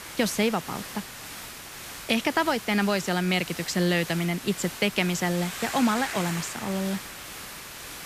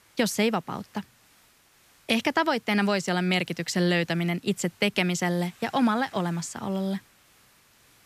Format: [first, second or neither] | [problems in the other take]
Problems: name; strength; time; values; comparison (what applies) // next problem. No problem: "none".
second | hiss; loud; throughout; 10 dB below the speech; faint in the second